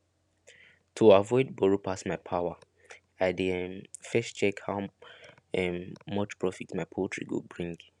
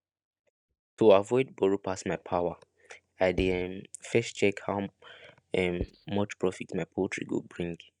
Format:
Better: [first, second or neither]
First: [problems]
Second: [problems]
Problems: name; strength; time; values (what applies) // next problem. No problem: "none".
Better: first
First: none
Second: noise reduction (neural mask model DeepFilterNet 3)